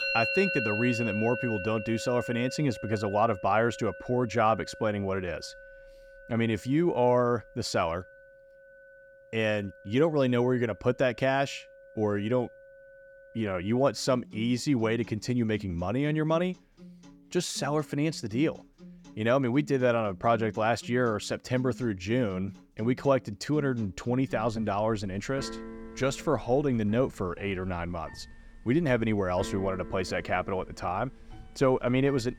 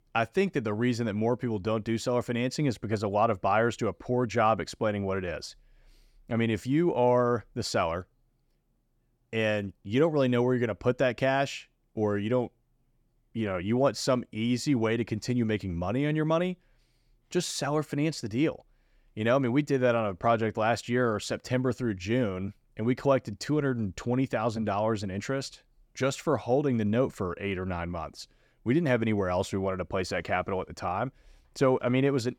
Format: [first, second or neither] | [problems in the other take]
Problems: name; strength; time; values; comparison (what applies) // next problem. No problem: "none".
second | background music; noticeable; throughout; 10 dB below the speech